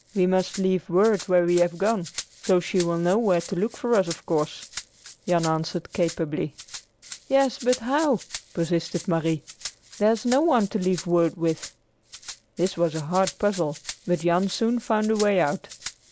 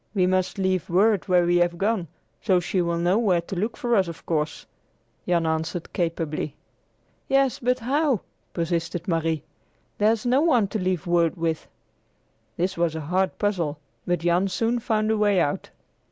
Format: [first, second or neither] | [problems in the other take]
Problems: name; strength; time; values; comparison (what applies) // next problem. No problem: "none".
second | background sound (Rattle (instrument)); 17 dB below the speech